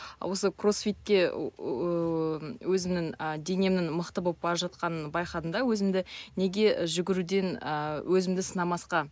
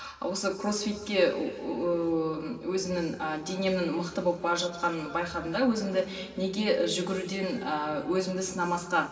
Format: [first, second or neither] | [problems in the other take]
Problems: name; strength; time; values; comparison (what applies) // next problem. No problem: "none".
first | room echo; dies away in 2.2 s